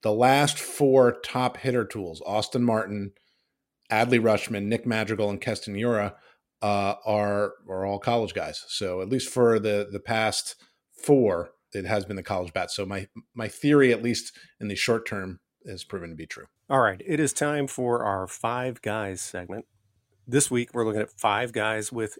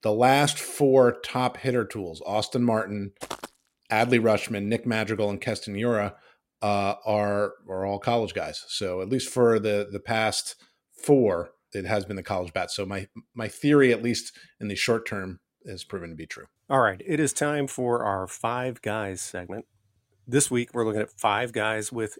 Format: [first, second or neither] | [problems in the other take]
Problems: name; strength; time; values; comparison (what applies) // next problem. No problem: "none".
first | footsteps; faint; at 3 s; peak 10 dB below the speech